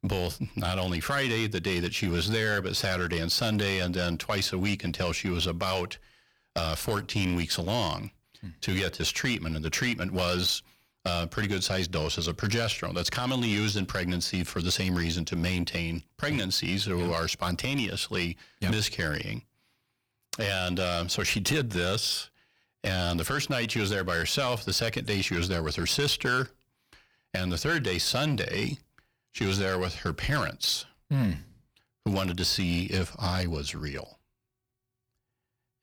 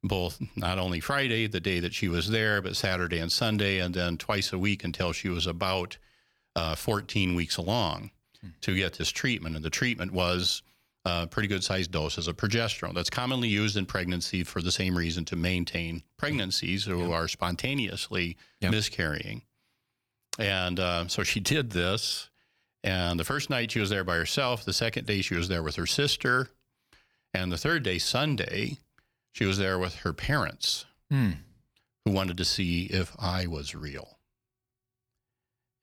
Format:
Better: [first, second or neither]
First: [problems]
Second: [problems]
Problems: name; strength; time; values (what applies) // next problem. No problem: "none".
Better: second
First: distortion; slight; 10 dB below the speech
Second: none